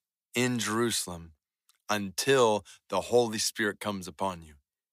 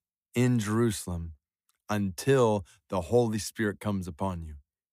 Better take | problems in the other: second | thin; somewhat; fading below 550 Hz

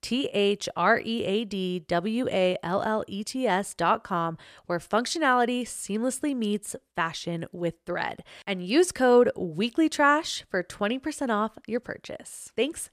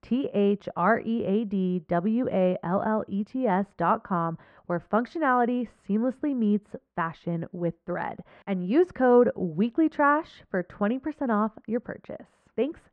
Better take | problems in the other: first | muffled; very; fading above 1.5 kHz

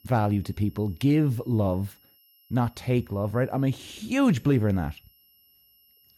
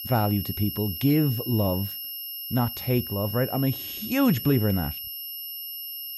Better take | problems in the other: first | high-pitched whine; loud; throughout; 12 kHz, 7 dB below the speech; faint in the first

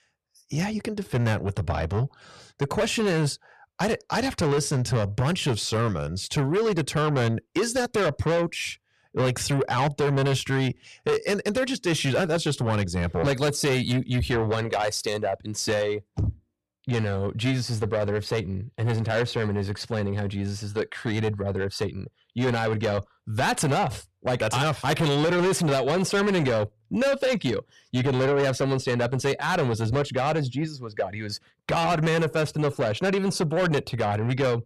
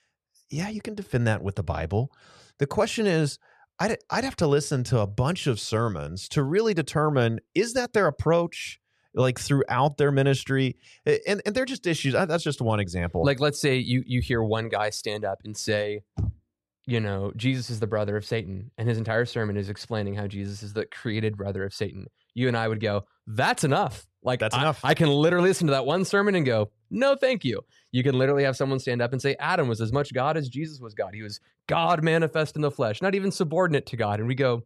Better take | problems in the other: second | distortion; heavy; 8 dB below the speech

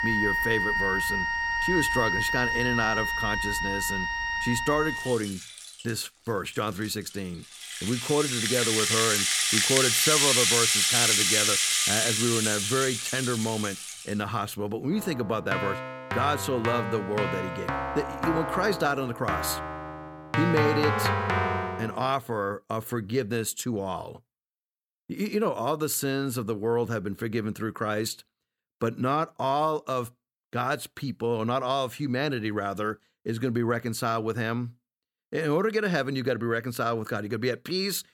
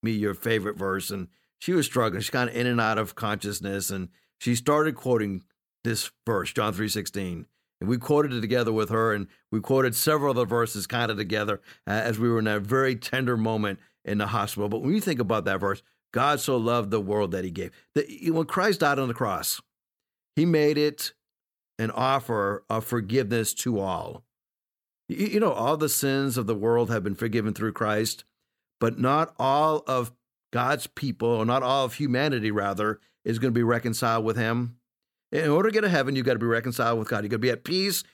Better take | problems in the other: second | background music; very loud; until 22 s; 4 dB above the speech

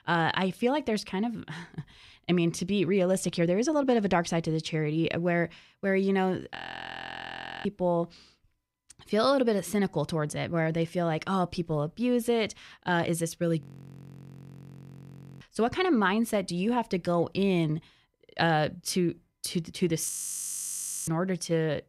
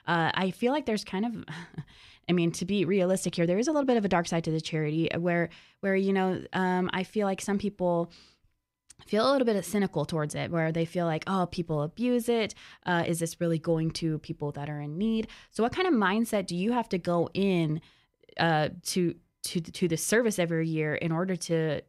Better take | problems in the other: second | audio freezing; at 6.5 s for 1 s, at 14 s for 2 s and at 20 s for 1 s

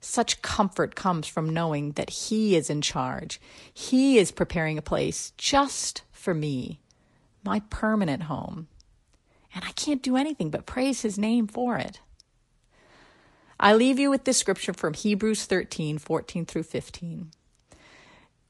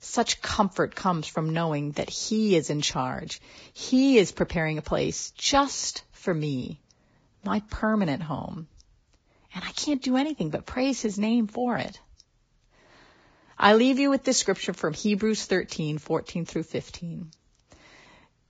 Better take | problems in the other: first | garbled, watery; badly; nothing above 7.5 kHz; slightly in the first

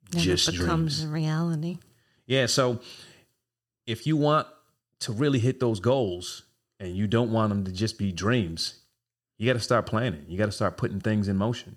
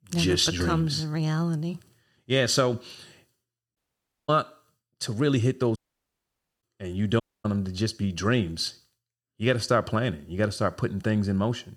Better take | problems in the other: first | audio cutting out; at 4 s for 0.5 s, at 6 s for 1 s and at 7 s

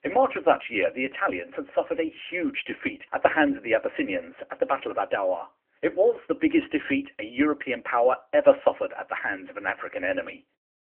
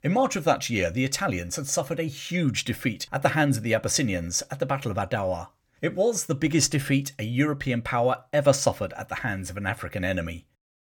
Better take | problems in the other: second | phone-call audio; nothing above 3 kHz

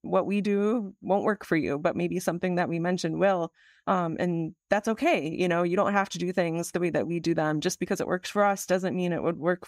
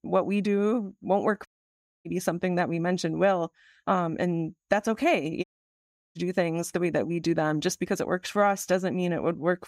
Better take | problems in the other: first | audio cutting out; at 1.5 s for 0.5 s and at 5.5 s for 0.5 s

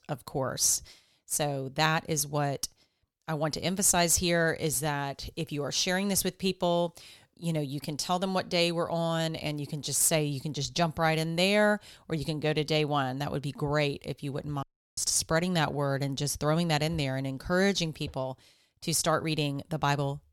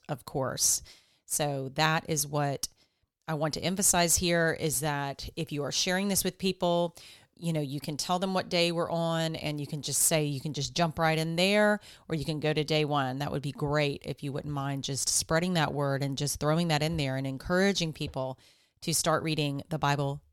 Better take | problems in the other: second | audio cutting out; at 15 s

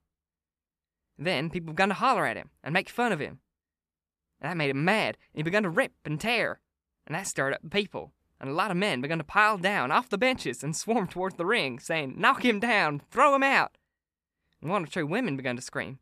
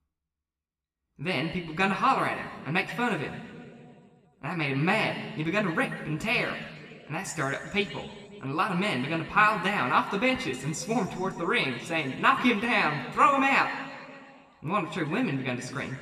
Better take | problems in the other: first | room echo; slight; dies away in 1.9 s

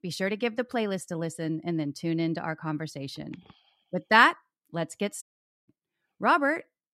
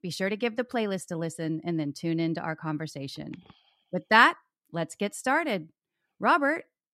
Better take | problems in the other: second | audio cutting out; at 5 s

